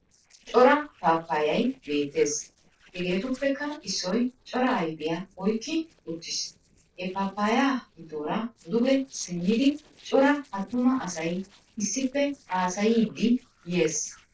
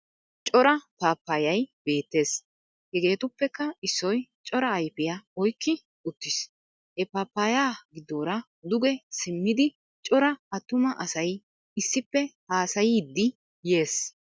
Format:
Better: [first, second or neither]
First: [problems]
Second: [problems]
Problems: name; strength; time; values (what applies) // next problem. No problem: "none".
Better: second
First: noise reduction (neural separator model SepFormer DNS4)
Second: none